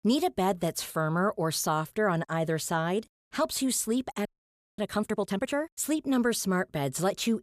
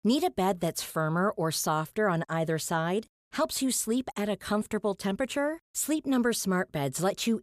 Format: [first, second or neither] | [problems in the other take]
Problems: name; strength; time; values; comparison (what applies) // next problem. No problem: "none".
second | audio freezing; at 4.5 s for 0.5 s